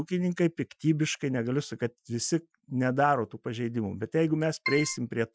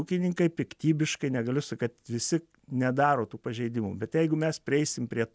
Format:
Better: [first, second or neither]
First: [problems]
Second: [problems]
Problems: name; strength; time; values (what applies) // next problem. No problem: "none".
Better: second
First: noise reduction (classical method Wiener filter)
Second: none